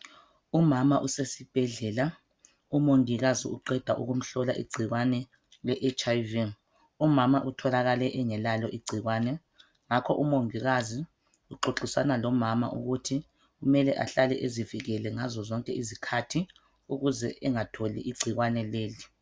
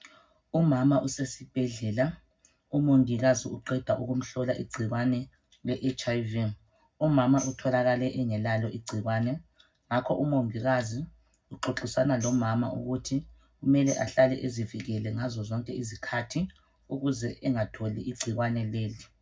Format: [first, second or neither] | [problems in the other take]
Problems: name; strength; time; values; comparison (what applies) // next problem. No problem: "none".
first | background sound (Tambourine); 18 dB below the speech // room echo; dies away in 0.4 s